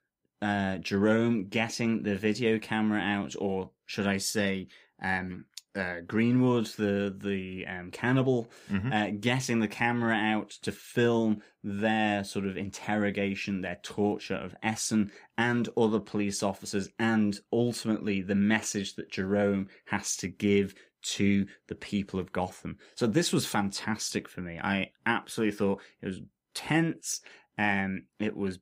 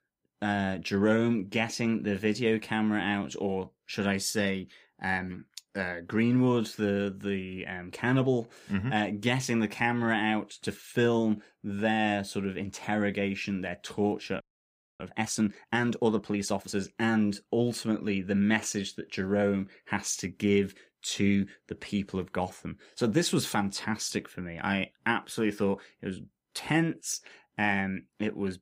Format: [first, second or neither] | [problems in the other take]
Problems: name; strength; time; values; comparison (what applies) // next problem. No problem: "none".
first | audio freezing; at 14 s for 0.5 s